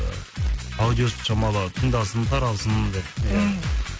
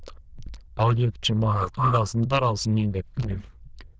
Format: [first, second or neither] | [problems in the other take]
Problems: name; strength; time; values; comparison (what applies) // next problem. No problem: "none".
first | noise reduction (neural diffusion model UNIVERSE++)